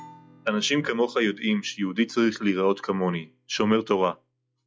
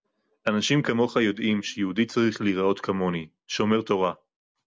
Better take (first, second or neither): second